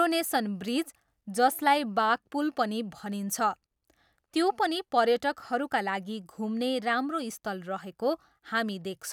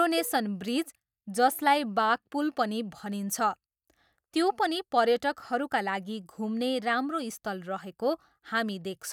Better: first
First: none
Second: noise reduction (neural mask model DeepFilterNet 3)

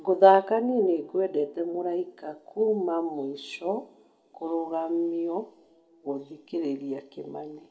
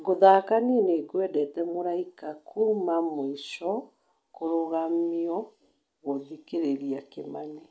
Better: second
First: room echo; dies away in 2.1 s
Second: none

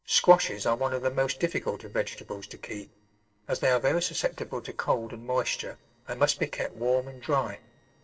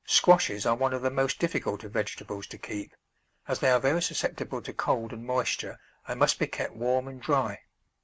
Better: second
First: noise reduction (neural separator model SepFormer DNS4)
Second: none

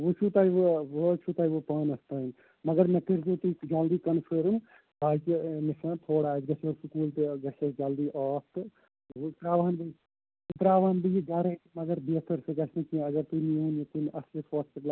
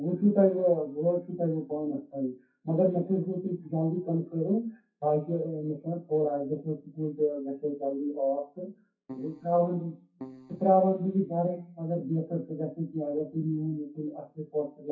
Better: first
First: none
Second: noise reduction (classical method WPE with log-MMSE)

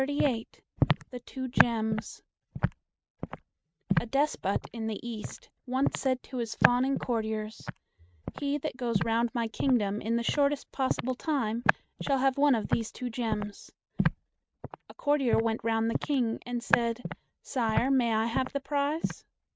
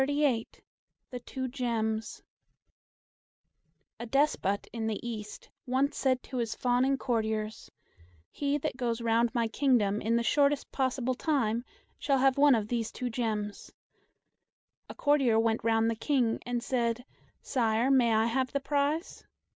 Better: second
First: noise reduction (neural mask model RNNoise)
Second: none

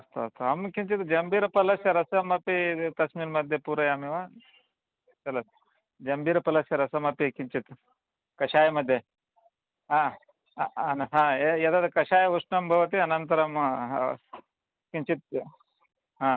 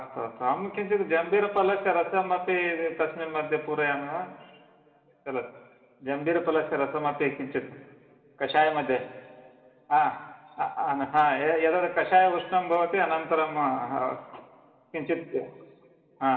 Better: first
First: none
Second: room echo; dies away in 2.3 s

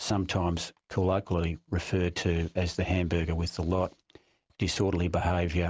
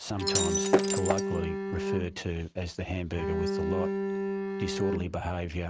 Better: first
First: none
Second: background sound (Bowed string instrument + Shatter); 4 dB above the speech

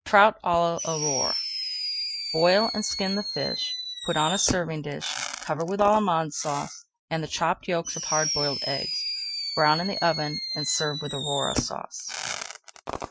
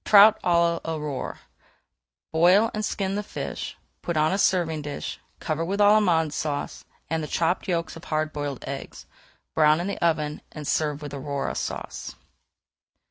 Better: second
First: noise reduction (classical method Wiener filter)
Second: none

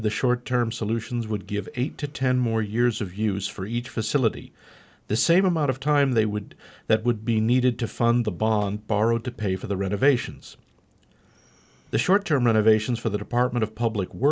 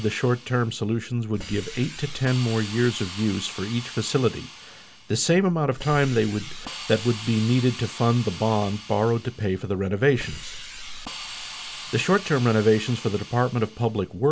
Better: first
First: none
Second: background sound (Hiss); 14 dB below the speech

